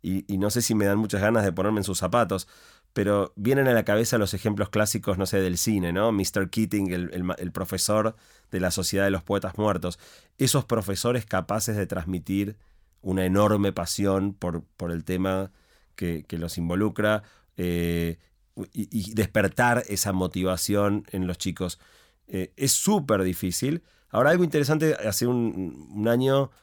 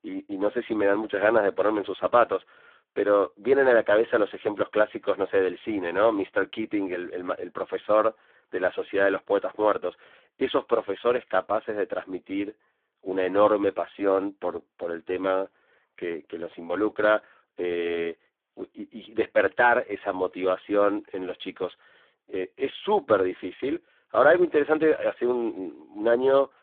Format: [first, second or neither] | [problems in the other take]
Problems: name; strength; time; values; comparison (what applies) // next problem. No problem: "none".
first | phone-call audio; poor line